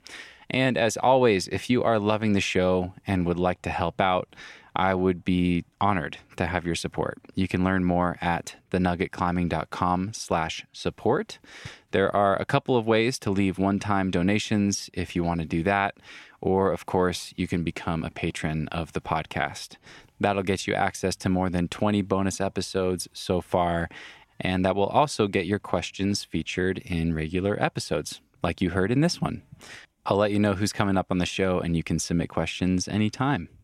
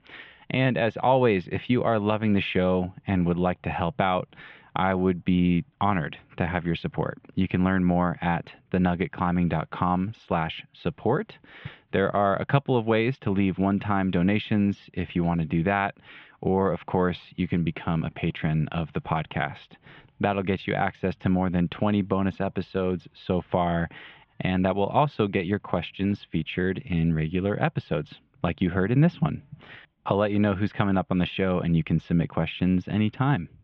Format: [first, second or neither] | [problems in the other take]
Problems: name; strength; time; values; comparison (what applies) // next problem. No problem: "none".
first | muffled; very; fading above 3.5 kHz